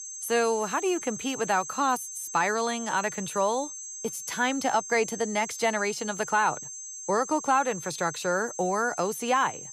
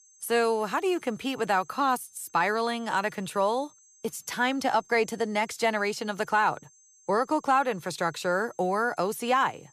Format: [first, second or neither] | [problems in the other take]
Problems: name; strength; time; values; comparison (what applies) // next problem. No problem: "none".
second | high-pitched whine; loud; throughout; 6.5 kHz, 9 dB below the speech; faint in the second